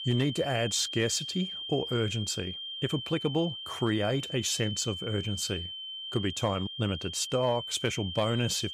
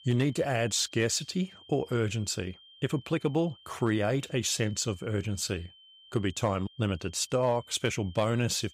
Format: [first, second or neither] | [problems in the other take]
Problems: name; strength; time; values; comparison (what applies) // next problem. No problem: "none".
second | high-pitched whine; loud; throughout; 3 kHz, 6 dB below the speech; faint in the second